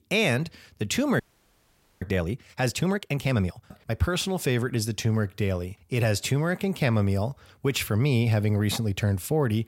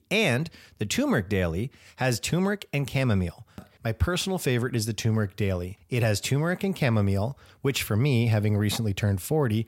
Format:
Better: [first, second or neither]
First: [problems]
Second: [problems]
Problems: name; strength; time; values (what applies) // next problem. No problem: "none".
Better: second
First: audio freezing; at 1 s for 1 s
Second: none